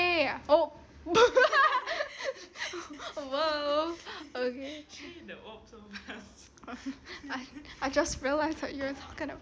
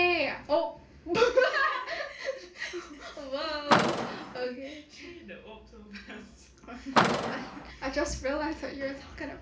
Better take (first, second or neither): first